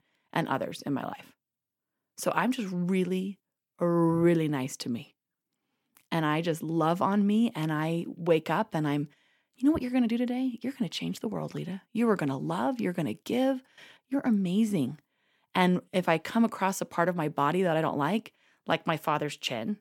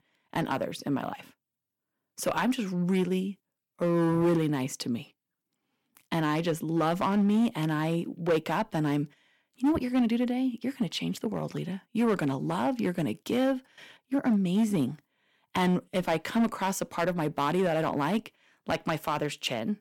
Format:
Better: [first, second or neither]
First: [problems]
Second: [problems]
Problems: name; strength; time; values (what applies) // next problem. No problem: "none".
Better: first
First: none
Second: distortion; slight; 5% of the sound clipped